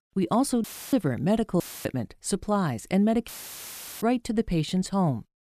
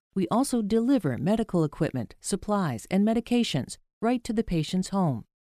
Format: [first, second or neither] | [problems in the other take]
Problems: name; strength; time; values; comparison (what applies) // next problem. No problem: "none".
second | audio cutting out; filled with static; at 0.5 s, at 1.5 s and at 3.5 s for 0.5 s